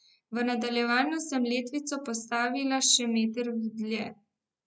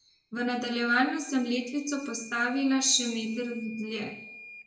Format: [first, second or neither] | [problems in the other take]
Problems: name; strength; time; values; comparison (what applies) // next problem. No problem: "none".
first | background sound (Microwave oven / Alarm); 19 dB below the speech // room echo; dies away in 0.7 s